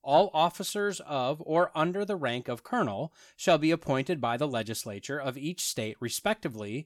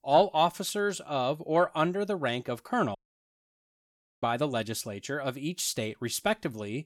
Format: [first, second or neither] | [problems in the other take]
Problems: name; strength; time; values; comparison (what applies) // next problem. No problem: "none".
first | audio cutting out; at 3 s for 1.5 s